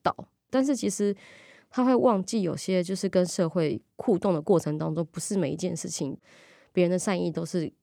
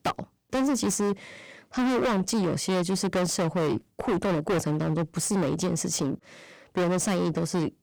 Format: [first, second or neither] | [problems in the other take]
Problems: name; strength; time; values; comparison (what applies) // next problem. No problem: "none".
first | distortion; heavy; 25% of the sound clipped